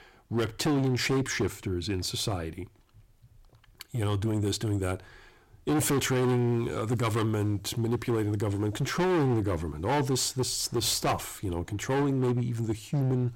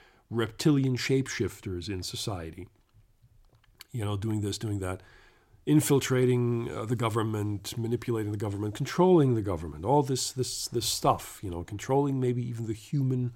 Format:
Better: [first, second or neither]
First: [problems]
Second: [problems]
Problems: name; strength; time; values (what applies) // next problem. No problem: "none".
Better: second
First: distortion; heavy; 16% of the sound clipped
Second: none